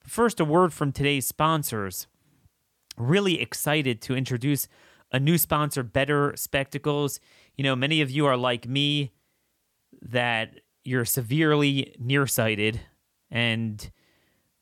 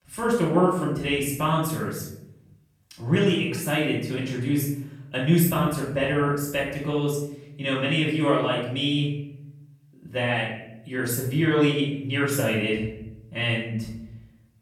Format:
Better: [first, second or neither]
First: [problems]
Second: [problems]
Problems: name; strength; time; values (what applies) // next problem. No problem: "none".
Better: first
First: none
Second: off-mic speech; far // room echo; noticeable; dies away in 0.8 s